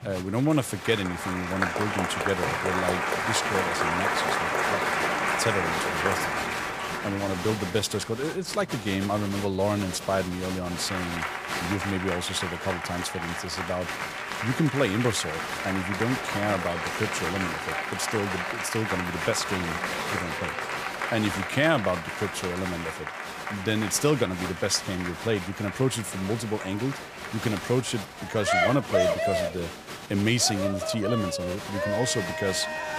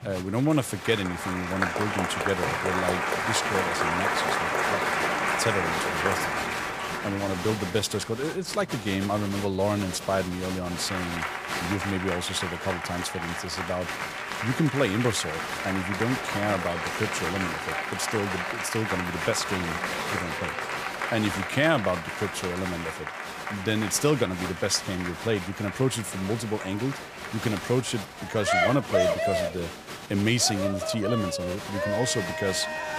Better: neither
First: crowd noise; loud; throughout; 1 dB below the speech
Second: crowd noise; loud; throughout; 1 dB below the speech

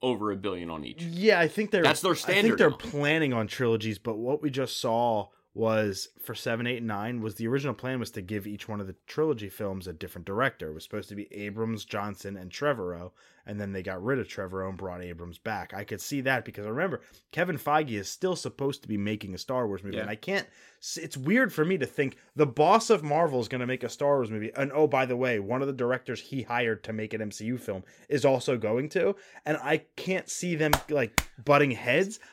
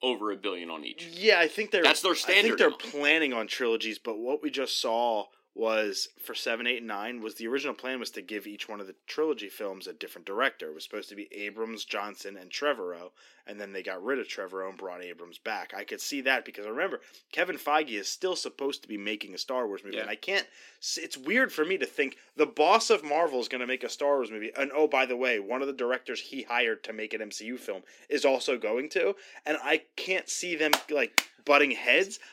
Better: first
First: none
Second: thin; very slightly; fading below 250 Hz

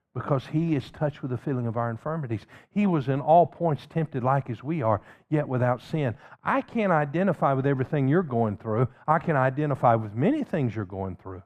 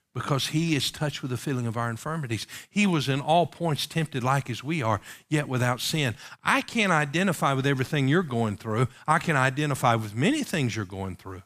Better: second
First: muffled; very; fading above 2.5 kHz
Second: none

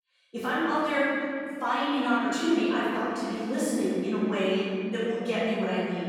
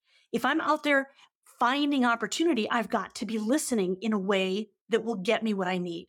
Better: second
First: room echo; strong; dies away in 2.3 s // off-mic speech; far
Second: none

